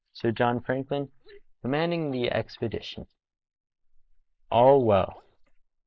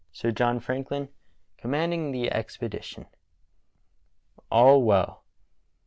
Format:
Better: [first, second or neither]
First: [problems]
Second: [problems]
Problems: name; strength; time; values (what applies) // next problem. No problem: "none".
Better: second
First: noise reduction (neural mask model Resemble Enhance denoiser)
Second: none